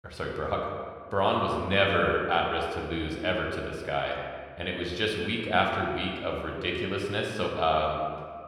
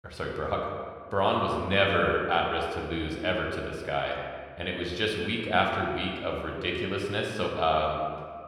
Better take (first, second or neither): neither